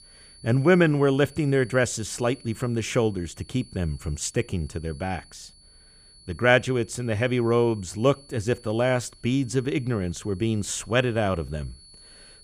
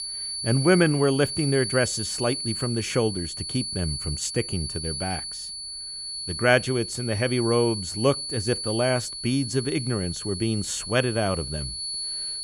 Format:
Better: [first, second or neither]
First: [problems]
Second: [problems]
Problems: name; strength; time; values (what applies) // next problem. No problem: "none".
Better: first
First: high-pitched whine; faint; throughout; 4.5 kHz, 25 dB below the speech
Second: high-pitched whine; loud; throughout; 4.5 kHz, 5 dB below the speech